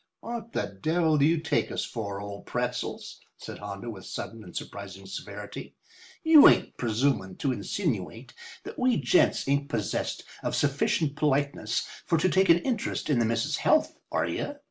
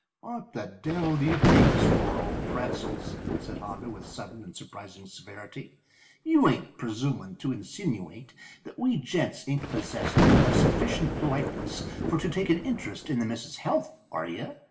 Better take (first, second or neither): first